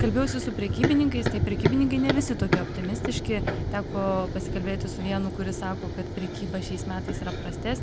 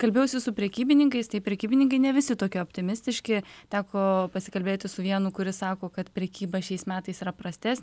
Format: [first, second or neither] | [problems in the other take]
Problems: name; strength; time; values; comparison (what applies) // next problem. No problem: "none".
second | background sound (Run); as loud as the speech